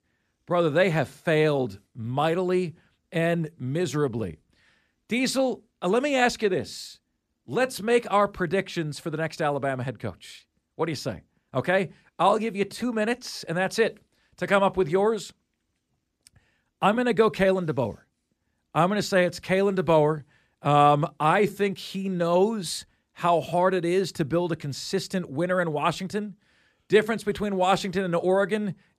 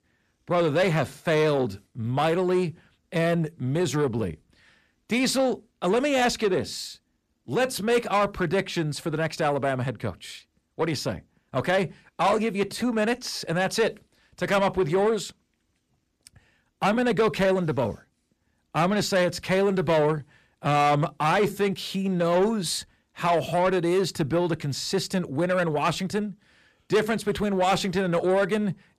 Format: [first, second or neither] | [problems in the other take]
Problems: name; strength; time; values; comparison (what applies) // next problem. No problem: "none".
first | distortion; slight; 10 dB below the speech